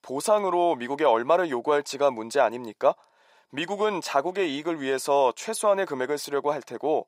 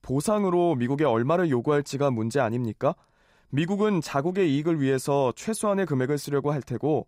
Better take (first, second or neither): second